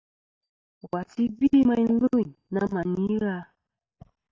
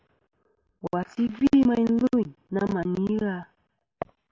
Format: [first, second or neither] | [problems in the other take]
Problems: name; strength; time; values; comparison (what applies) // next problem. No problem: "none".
second | noise reduction (neural mask model DeepFilterNet 3)